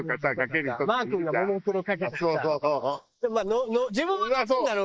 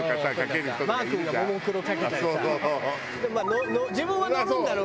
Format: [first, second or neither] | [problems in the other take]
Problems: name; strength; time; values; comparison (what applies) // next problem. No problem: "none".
second | noise reduction (neural mask model Resemble Enhance denoiser)